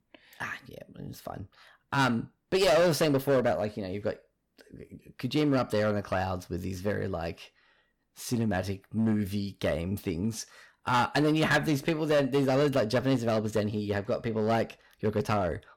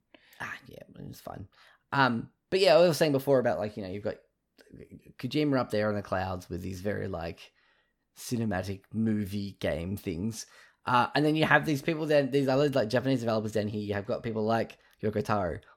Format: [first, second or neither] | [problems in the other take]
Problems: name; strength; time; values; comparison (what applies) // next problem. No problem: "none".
second | distortion; slight; 5% of the sound clipped